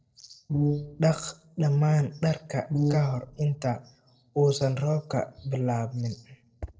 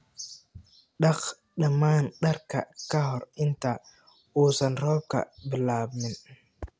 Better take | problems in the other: second | noise reduction (neural separator model SepFormer DNS4)

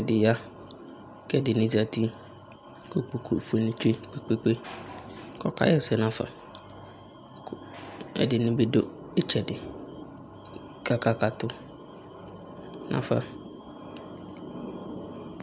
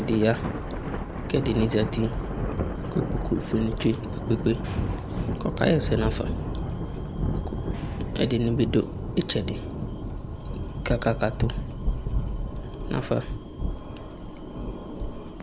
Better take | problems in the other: first | background sound (Thunder); 2 dB below the speech

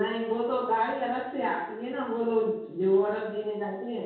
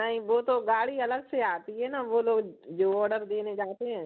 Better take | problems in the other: second | room echo; dies away in 0.6 s

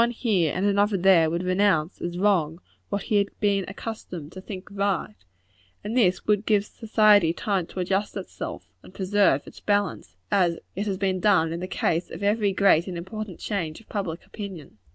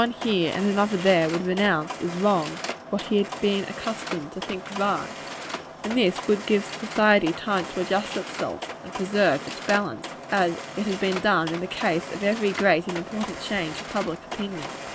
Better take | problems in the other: first | background sound (Mechanisms); 10 dB below the speech

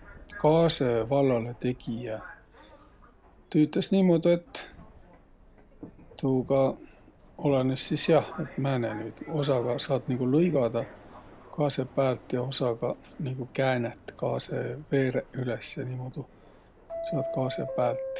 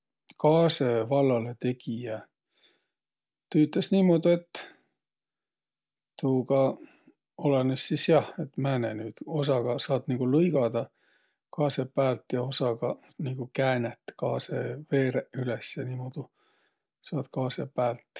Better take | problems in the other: second | background sound (Subway, metro, underground); 15 dB below the speech

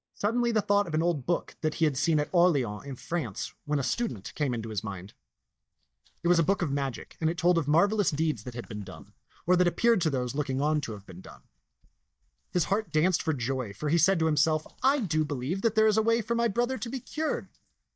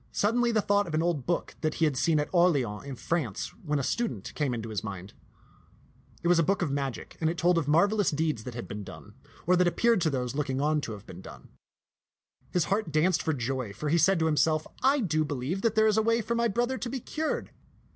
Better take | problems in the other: second | noise reduction (neural mask model DeepFilterNet 3)

